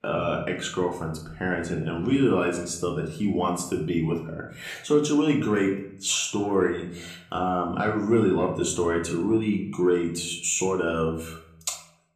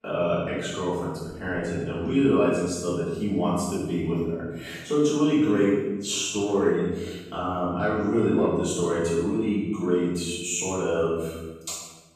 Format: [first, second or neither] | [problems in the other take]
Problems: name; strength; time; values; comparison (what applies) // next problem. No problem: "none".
first | room echo; strong; dies away in 1.2 s; slight in the first // off-mic speech; far; somewhat distant in the first